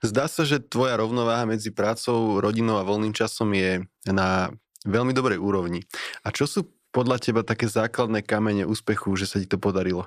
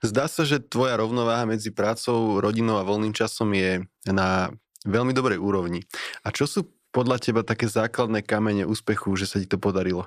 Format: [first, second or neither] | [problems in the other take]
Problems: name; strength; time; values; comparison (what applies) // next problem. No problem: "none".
neither | none